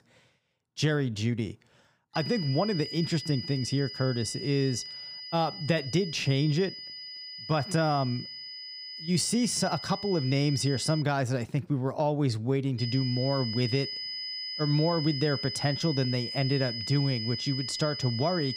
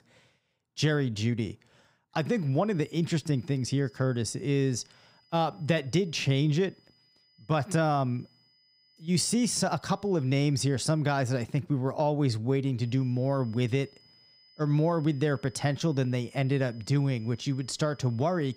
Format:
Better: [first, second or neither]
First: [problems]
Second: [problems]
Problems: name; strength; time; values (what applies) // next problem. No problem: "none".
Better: second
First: high-pitched whine; loud; from 2 to 11 s and from 13 s on; 5 kHz, 7 dB below the speech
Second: high-pitched whine; faint; from 2 to 11 s and from 13 s on; 5 kHz, 30 dB below the speech